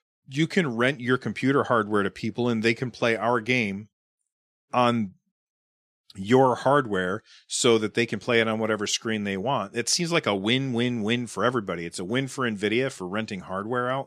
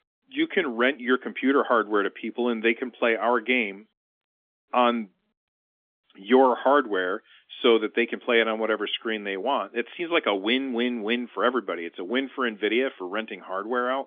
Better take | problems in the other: first | phone-call audio; nothing above 3.5 kHz

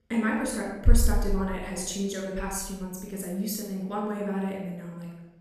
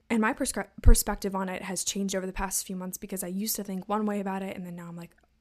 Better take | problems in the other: second | off-mic speech; somewhat distant // room echo; noticeable; dies away in 0.9 s

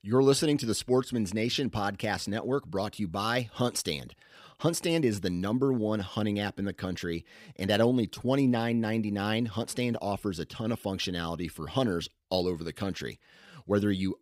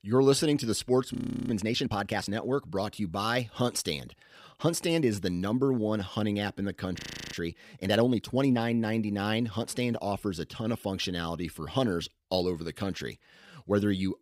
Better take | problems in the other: first | audio freezing; at 1 s and at 7 s

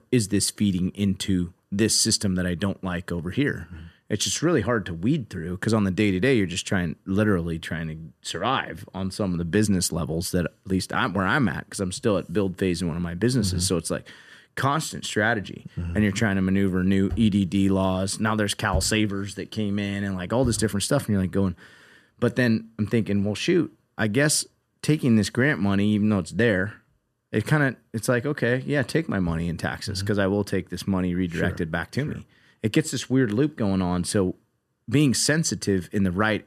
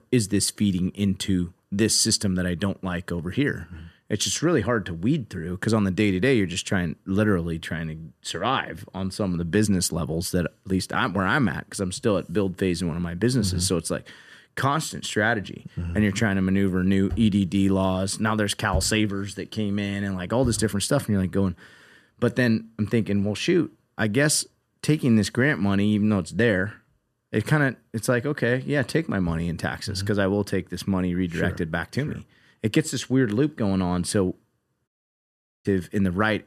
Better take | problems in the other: first | audio cutting out; at 35 s for 1 s

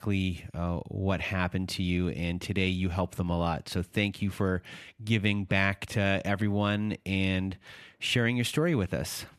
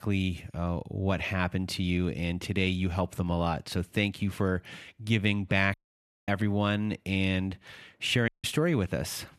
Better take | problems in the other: first | audio cutting out; at 5.5 s for 0.5 s and at 8.5 s

